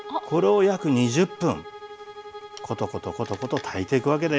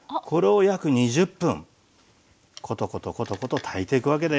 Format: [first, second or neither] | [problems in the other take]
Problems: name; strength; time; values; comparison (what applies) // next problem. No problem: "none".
second | background sound (Bowed string instrument); 16 dB below the speech